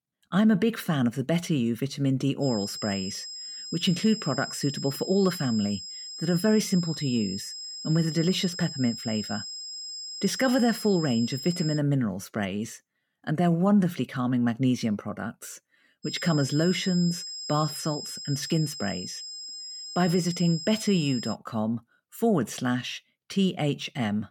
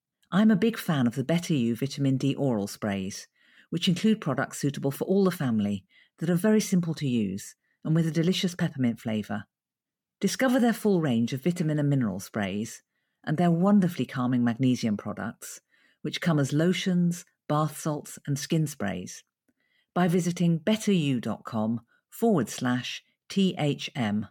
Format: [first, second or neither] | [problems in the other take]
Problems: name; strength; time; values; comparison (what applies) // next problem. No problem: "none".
second | high-pitched whine; loud; from 2.5 to 12 s and from 16 to 21 s; 5 kHz, 8 dB below the speech